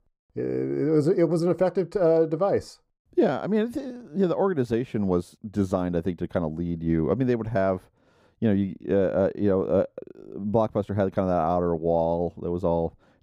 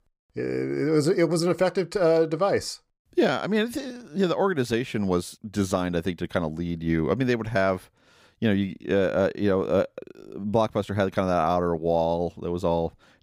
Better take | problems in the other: second | muffled; slightly; fading above 1.5 kHz

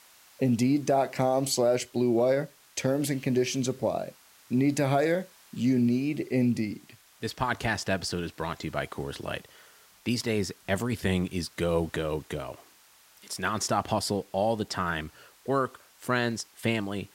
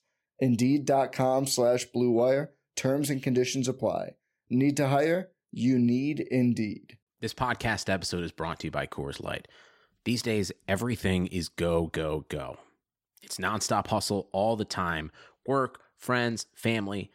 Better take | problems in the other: second | hiss; faint; throughout; 25 dB below the speech

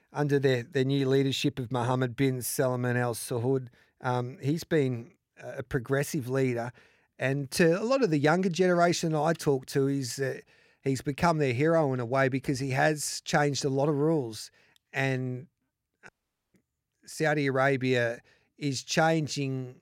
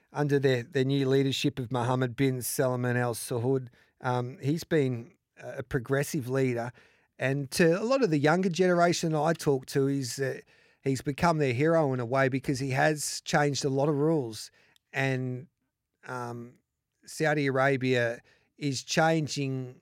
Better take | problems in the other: second | audio cutting out; at 16 s

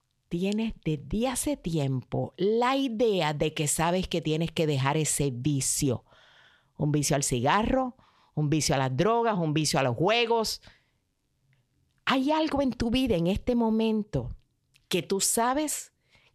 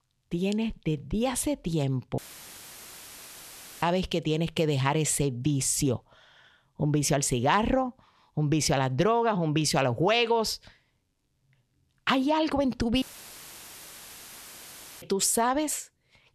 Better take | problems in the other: first | audio cutting out; filled with static; at 2 s for 1.5 s and at 13 s for 2 s

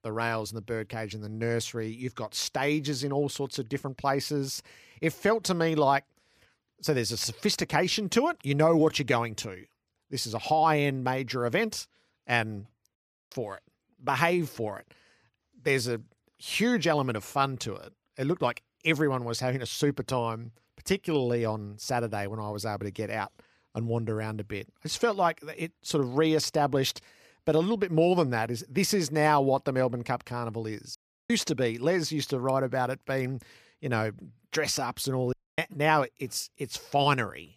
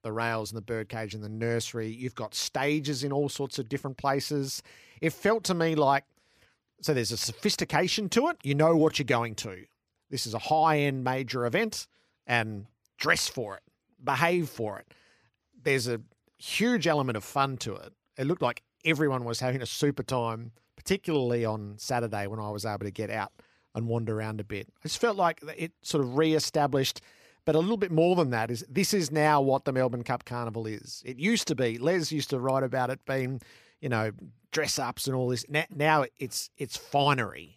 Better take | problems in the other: second | audio cutting out; at 13 s, at 31 s and at 35 s

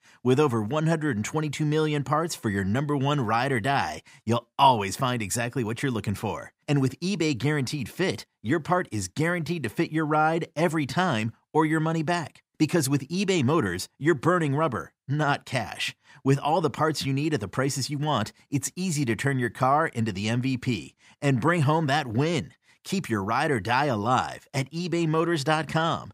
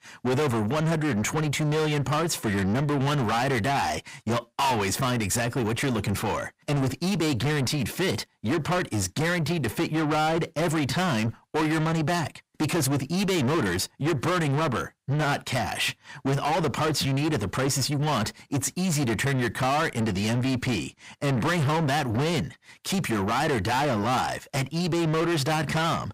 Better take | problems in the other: first | distortion; heavy; 6 dB below the speech

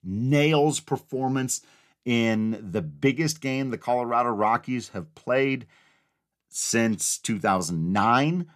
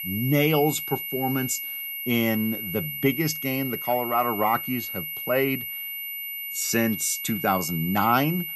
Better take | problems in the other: first | high-pitched whine; loud; throughout; 2 kHz, 5 dB below the speech

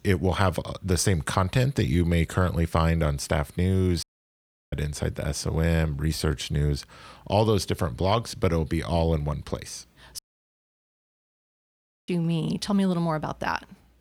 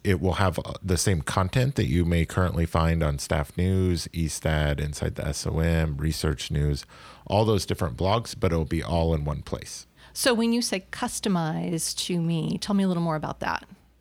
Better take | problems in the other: second | audio cutting out; at 4 s for 0.5 s and at 10 s for 2 s

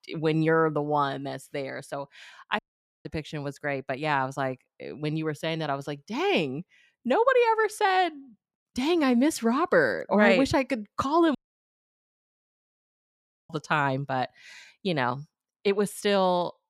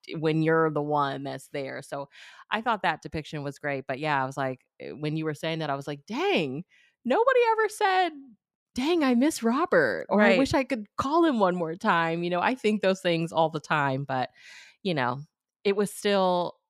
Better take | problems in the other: second | audio cutting out; at 2.5 s and at 11 s for 2 s

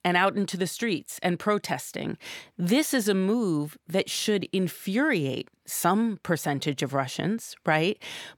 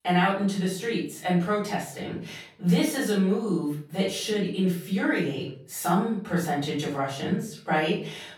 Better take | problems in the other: first | off-mic speech; far // room echo; noticeable; dies away in 0.4 s

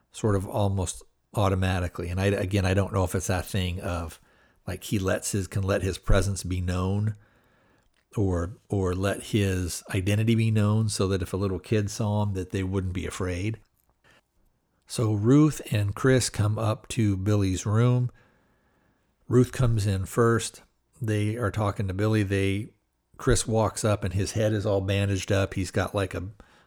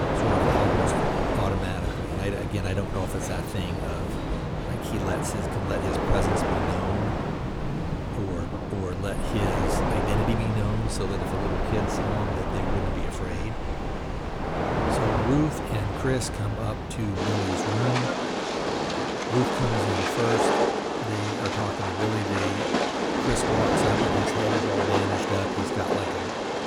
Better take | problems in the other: first | train or aircraft noise; very loud; throughout; 3 dB above the speech

